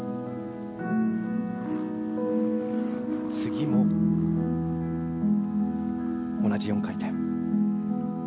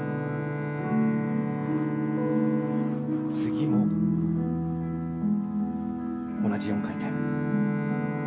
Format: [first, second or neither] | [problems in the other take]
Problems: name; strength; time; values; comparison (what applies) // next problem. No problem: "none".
first | background sound (Bowed string instrument); 7 dB below the speech // room echo; dies away in 0.2 s